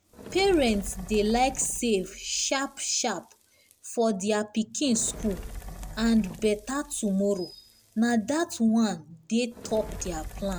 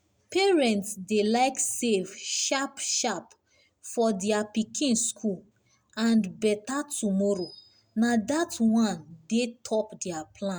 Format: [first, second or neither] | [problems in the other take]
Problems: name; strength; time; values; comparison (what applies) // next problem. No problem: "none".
second | background sound (Fire); 15 dB below the speech